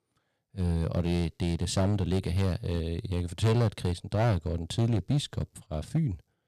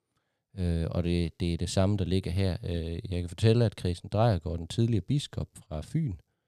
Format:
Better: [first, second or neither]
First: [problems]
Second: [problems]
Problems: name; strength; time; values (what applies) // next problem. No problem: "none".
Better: second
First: distortion; slight; 6% of the sound clipped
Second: none